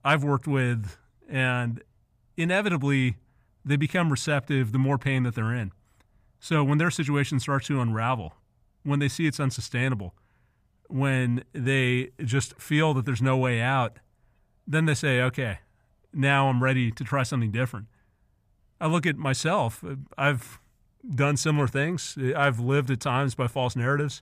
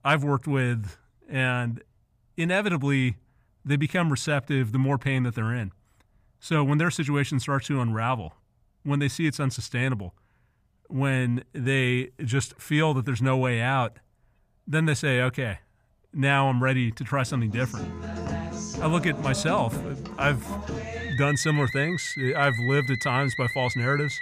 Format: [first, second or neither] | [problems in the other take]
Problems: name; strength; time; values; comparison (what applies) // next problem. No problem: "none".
first | background music; loud; from 17 s on; 7 dB below the speech